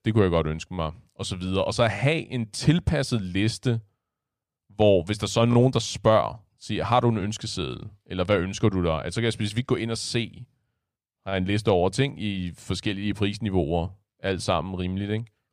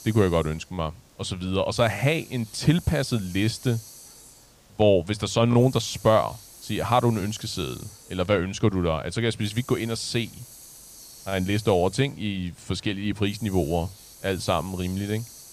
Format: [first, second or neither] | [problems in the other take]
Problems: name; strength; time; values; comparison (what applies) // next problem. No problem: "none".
first | hiss; noticeable; throughout; 20 dB below the speech